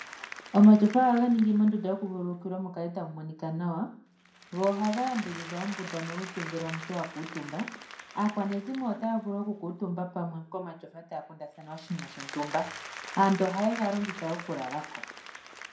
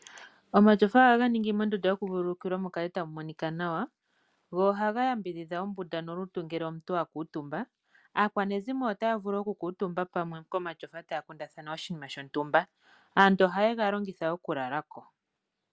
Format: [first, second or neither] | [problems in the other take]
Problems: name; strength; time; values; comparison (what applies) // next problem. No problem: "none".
second | background sound (Applause); 15 dB below the speech // room echo; dies away in 0.5 s